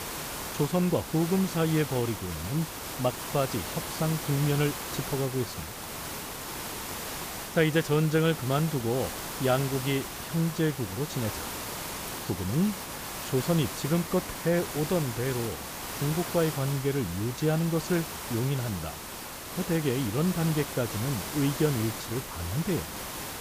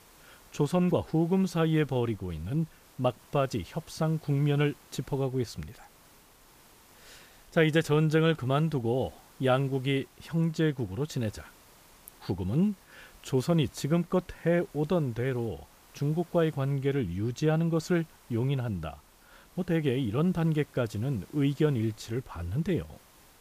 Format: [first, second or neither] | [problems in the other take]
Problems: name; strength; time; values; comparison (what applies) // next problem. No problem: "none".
second | hiss; loud; throughout; 6 dB below the speech; faint in the second